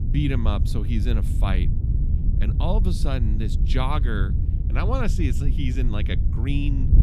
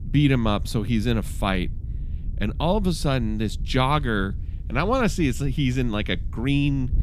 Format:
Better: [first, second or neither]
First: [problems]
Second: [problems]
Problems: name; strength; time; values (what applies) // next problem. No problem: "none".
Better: second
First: wind noise on the microphone; heavy; 8 dB below the speech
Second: wind noise on the microphone; occasional gusts; 25 dB below the speech